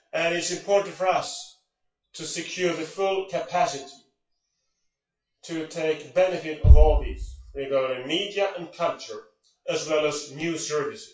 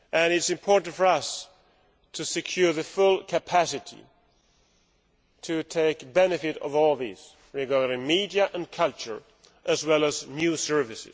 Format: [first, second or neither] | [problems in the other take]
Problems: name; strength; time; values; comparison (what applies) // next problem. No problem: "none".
second | noise reduction (classical method WPE with log-MMSE)